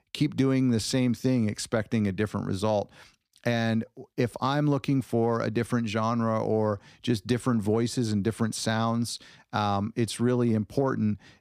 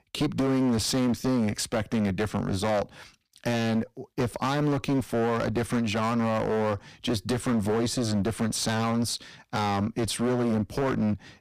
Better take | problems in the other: first | distortion; heavy; 19% of the sound clipped

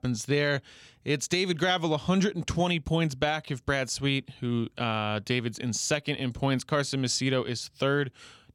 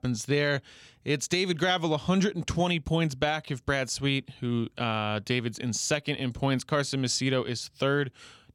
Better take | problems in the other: neither | none

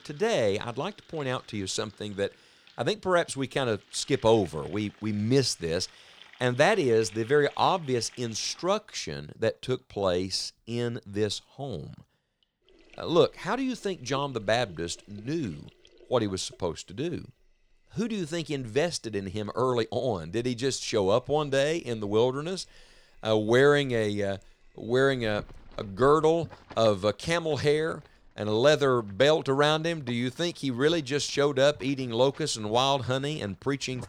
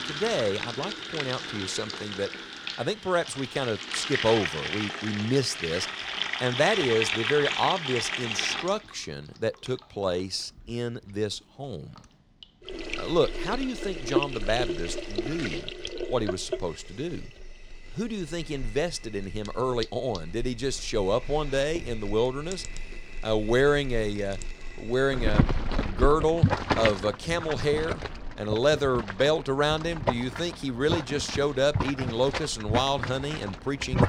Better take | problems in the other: first | household noises; loud; throughout; 4 dB below the speech; faint in the first

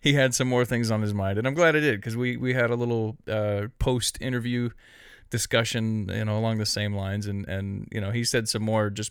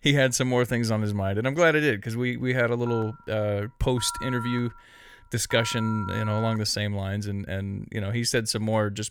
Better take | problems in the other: first | phone ringing; noticeable; from 3 to 6.5 s; peak 9 dB below the speech

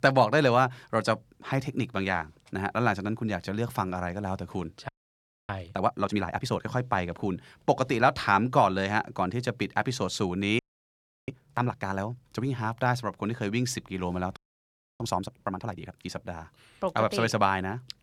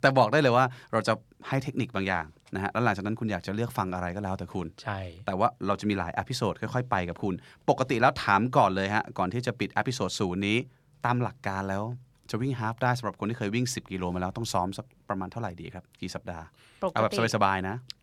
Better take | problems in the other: second | audio freezing; at 5 s for 0.5 s, at 11 s for 0.5 s and at 14 s for 0.5 s

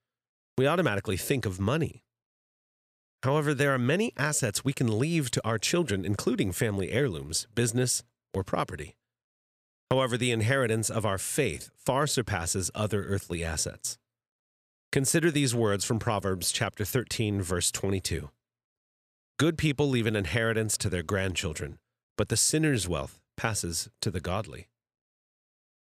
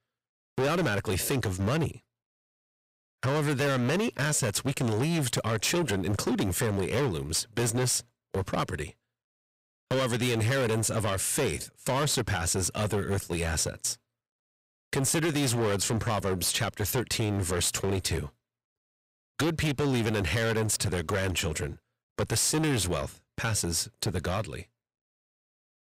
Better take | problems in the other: first | distortion; heavy; 18% of the sound clipped

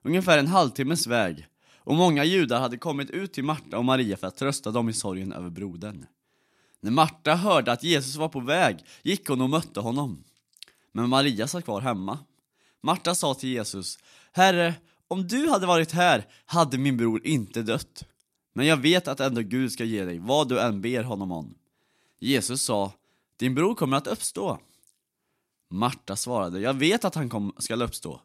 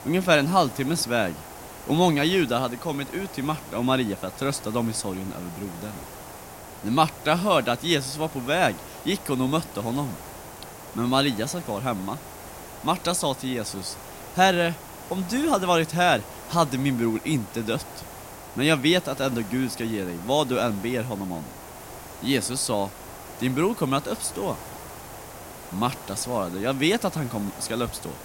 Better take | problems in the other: first | hiss; noticeable; throughout; 15 dB below the speech

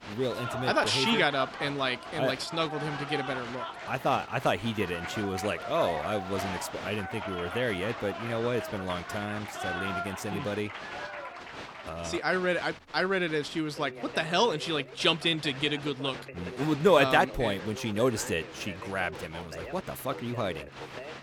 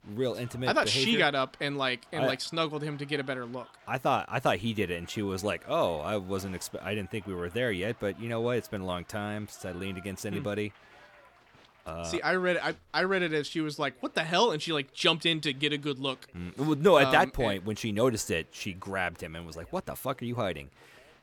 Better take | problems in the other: second | crowd noise; loud; throughout; 9 dB below the speech; faint in the second

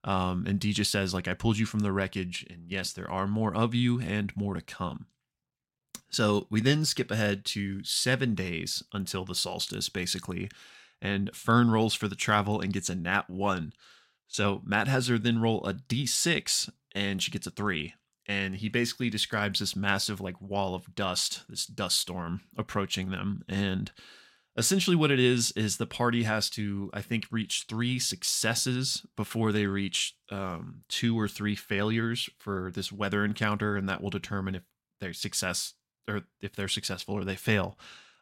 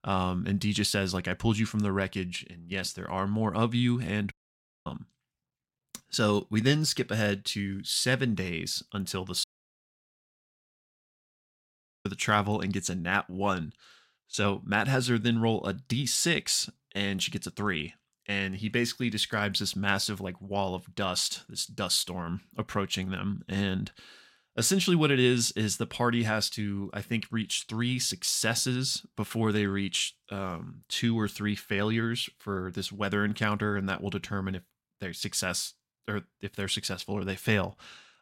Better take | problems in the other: first | audio cutting out; at 4.5 s for 0.5 s and at 9.5 s for 2.5 s

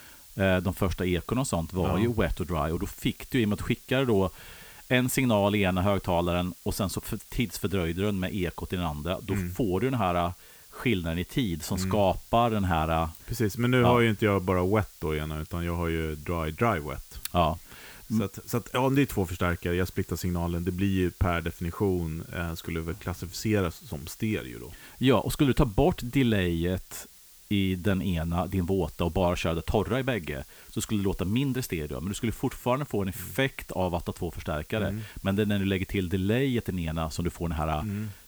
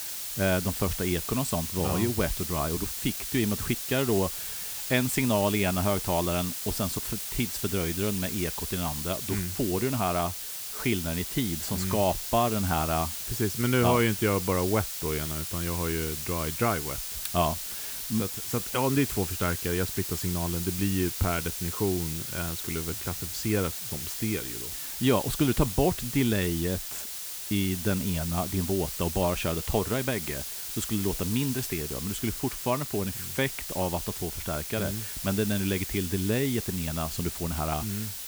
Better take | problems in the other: first | hiss; loud; throughout; 4 dB below the speech; faint in the first

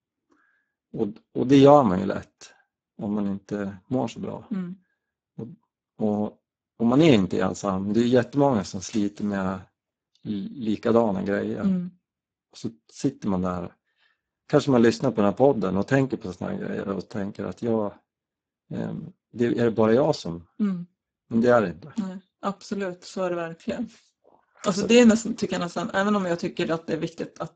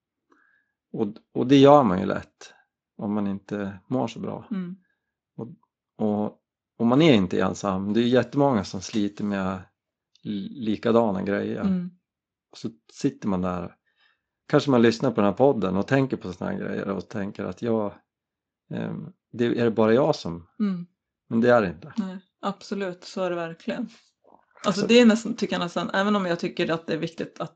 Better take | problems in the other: second | garbled, watery; badly; nothing above 7.5 kHz; slightly in the second

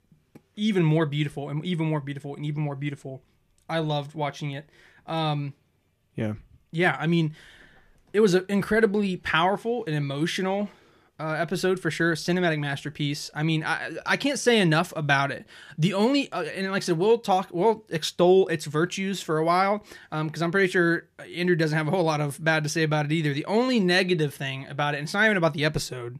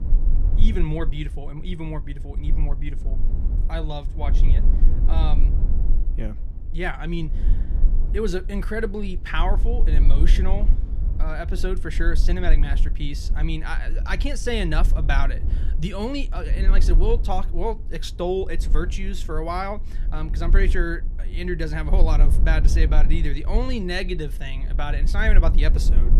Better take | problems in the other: first | low rumble; noticeable; throughout; 15 dB below the speech

